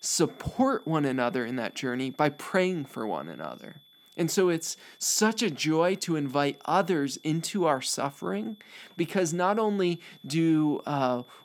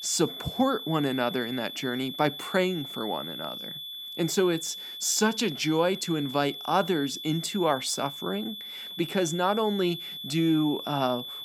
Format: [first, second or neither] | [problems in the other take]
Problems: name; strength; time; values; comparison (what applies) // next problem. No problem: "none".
first | high-pitched whine; loud; throughout; 3.5 kHz, 9 dB below the speech; faint in the first